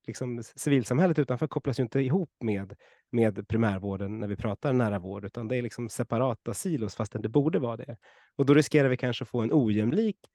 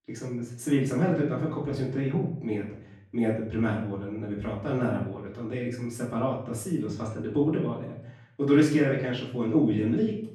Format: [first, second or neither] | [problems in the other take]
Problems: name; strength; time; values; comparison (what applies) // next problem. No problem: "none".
first | off-mic speech; far // room echo; noticeable; dies away in 0.5 s